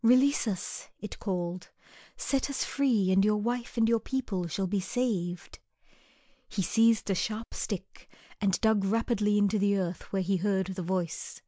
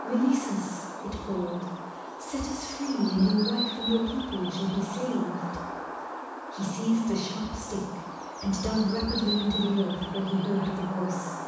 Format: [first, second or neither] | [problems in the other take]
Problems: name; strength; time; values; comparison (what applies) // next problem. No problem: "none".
first | background sound (Bird); 8 dB below the speech // room echo; dies away in 1.1 s